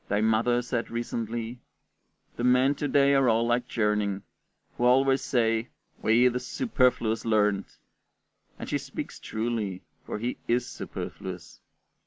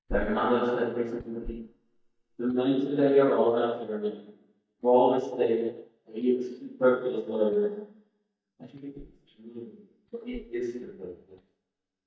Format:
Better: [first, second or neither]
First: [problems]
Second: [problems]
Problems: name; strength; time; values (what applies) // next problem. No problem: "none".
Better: first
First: none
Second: noise reduction (neural mask model DeepFilterNet 3)